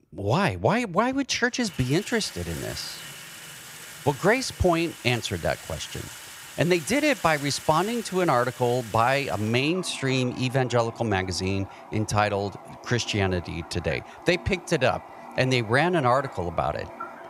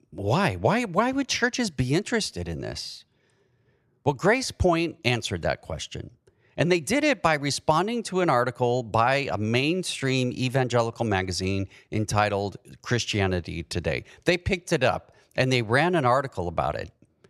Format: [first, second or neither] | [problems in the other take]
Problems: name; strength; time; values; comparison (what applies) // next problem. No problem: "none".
second | household noises; noticeable; throughout; 15 dB below the speech